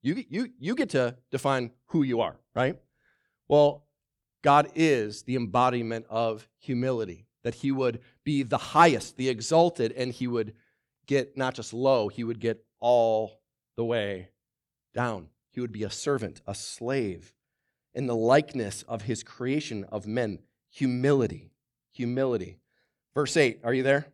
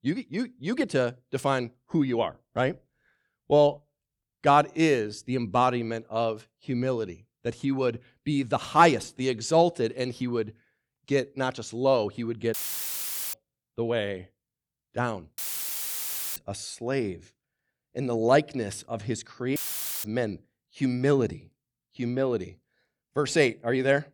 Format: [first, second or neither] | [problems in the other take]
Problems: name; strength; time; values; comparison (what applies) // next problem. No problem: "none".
first | audio cutting out; filled with static; at 13 s for 1 s, at 15 s for 1 s and at 20 s